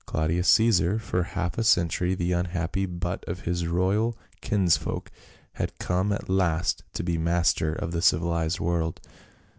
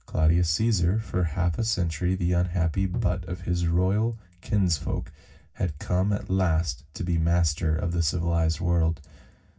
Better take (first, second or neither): first